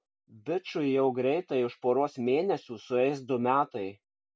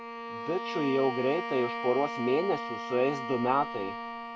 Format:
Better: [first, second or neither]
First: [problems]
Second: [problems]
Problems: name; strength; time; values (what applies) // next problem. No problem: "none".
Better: first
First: none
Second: background sound (Bowed string instrument); 6 dB below the speech